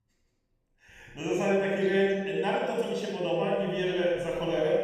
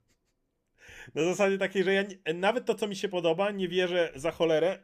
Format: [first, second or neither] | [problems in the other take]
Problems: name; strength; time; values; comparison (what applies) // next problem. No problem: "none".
second | off-mic speech; far // room echo; strong; dies away in 1.8 s